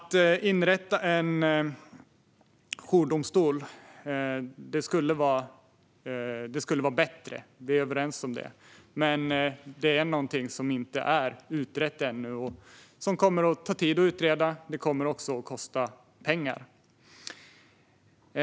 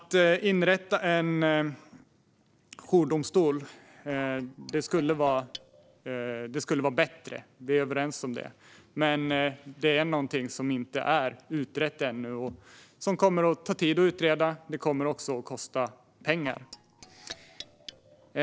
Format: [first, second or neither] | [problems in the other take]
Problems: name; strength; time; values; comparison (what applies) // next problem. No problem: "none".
first | noise reduction (neural separator model SepFormer DNS4)